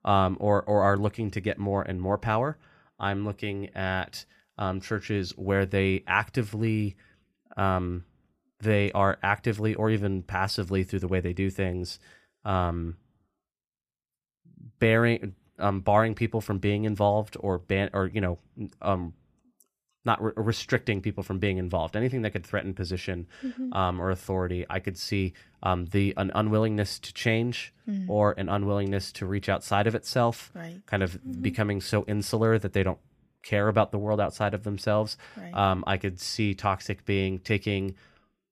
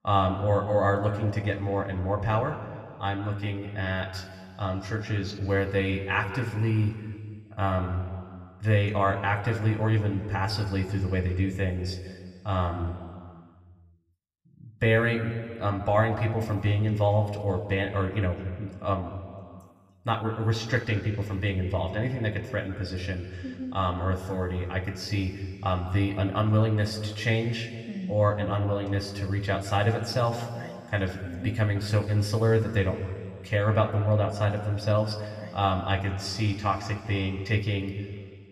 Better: first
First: none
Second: room echo; slight; dies away in 2 s

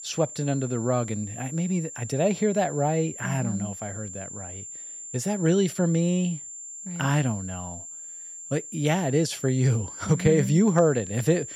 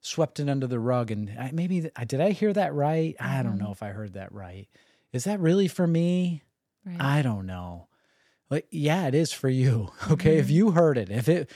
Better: second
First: high-pitched whine; noticeable; throughout; 7.5 kHz, 10 dB below the speech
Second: none

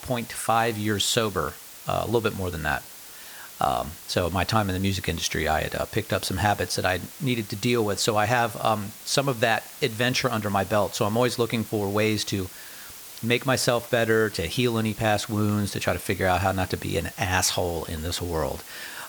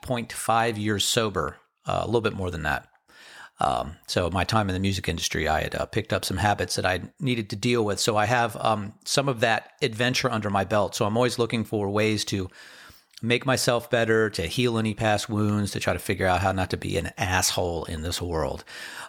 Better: second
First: hiss; noticeable; throughout; 15 dB below the speech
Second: none

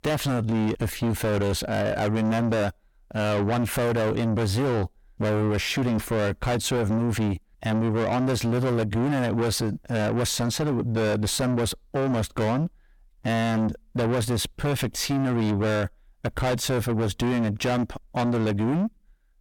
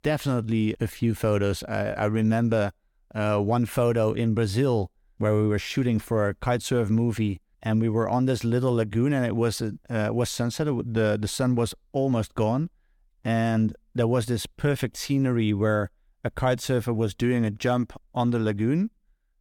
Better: second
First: distortion; heavy; 7 dB below the speech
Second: none

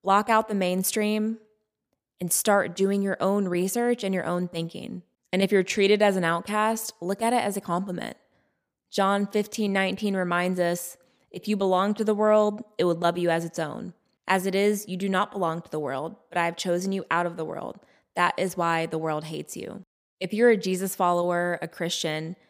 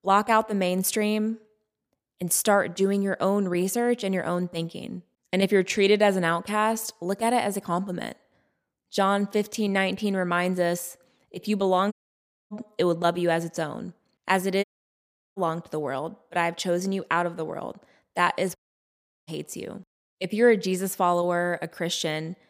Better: first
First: none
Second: audio cutting out; at 12 s for 0.5 s, at 15 s for 0.5 s and at 19 s for 0.5 s

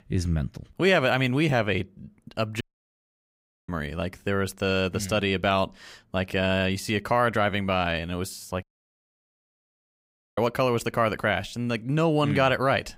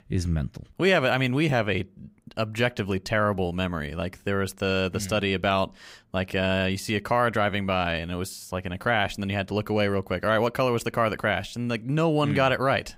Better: second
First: audio cutting out; at 2.5 s for 1 s and at 8.5 s for 1.5 s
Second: none

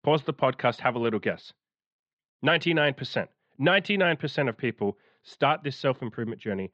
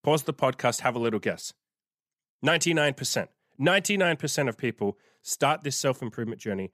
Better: second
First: muffled; very; fading above 4 kHz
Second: none

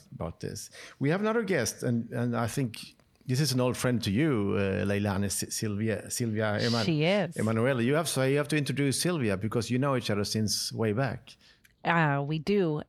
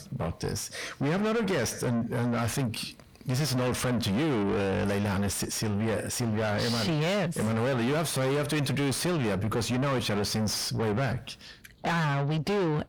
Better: first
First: none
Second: distortion; heavy; 6 dB below the speech

